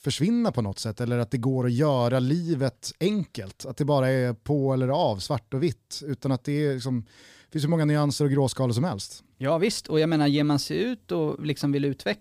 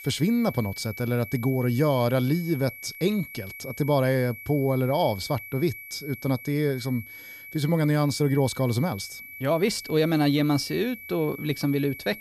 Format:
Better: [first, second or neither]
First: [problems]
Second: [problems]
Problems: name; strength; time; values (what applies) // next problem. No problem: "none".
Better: first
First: none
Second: high-pitched whine; noticeable; throughout; 2.5 kHz, 15 dB below the speech